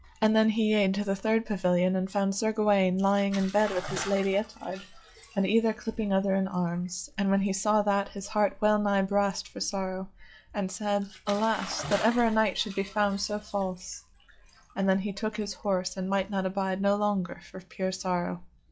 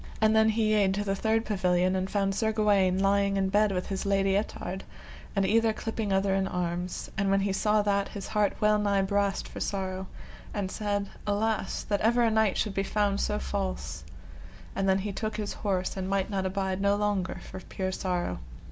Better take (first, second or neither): second